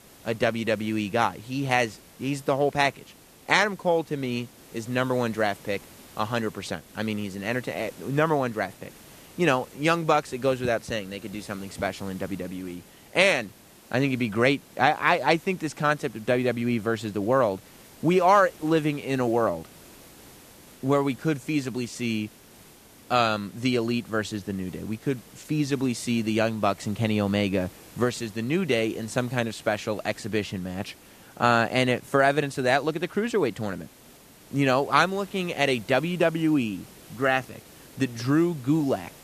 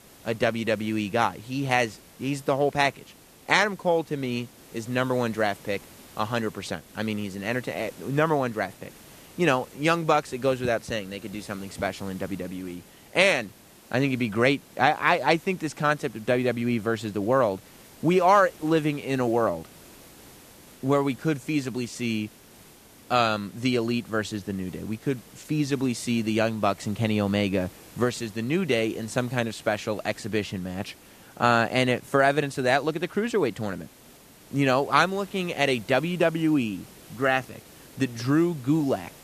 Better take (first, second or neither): neither